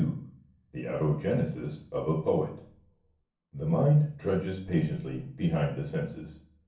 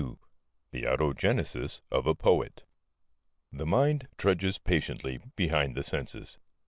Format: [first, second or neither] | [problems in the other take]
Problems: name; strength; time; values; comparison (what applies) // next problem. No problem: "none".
second | room echo; dies away in 0.6 s